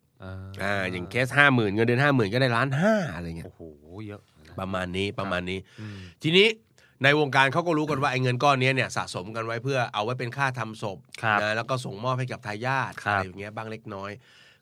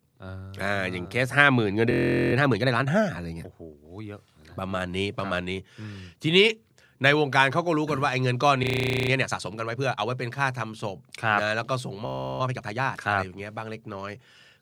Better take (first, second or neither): first